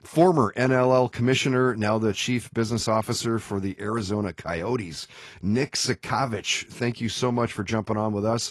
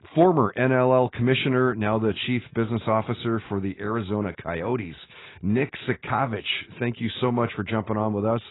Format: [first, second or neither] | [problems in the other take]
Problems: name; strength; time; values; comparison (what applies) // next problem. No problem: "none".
first | garbled, watery; badly; nothing above 4 kHz; slightly in the first